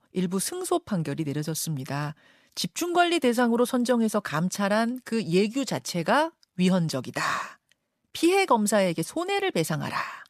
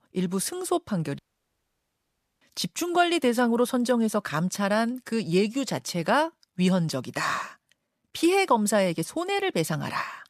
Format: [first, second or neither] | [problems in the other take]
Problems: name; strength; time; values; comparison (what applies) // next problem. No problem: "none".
first | audio cutting out; at 1 s for 1 s